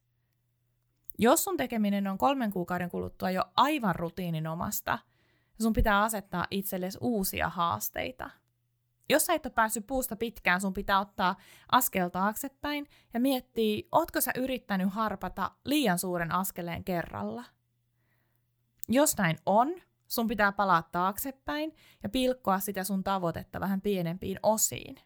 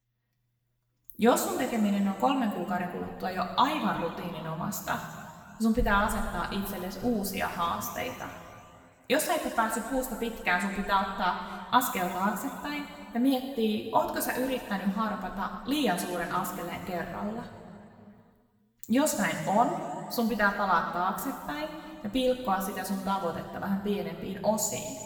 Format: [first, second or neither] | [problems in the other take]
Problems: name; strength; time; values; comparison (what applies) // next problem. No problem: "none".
first | room echo; noticeable; dies away in 2.3 s // off-mic speech; somewhat distant